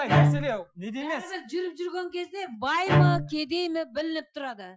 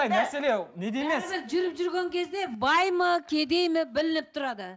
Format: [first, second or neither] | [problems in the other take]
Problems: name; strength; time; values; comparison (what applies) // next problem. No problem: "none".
second | noise reduction (classical method Wiener filter)